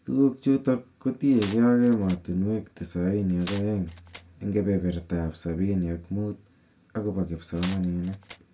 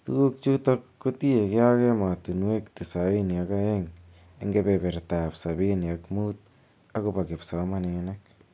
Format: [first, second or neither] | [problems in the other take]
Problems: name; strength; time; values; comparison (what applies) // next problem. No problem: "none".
second | background sound (Glass); 18 dB below the speech // room echo; dies away in 0.2 s